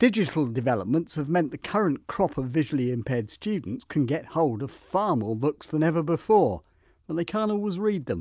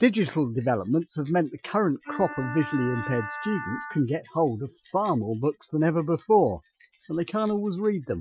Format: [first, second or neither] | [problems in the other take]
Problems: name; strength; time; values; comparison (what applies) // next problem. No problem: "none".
first | noise reduction (classical method Wiener filter)